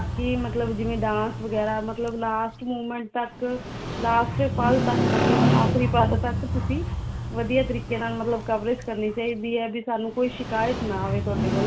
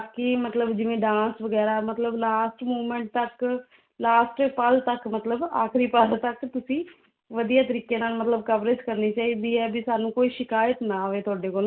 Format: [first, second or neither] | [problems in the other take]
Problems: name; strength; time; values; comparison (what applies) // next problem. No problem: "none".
second | background sound (Motorcycle); 1 dB below the speech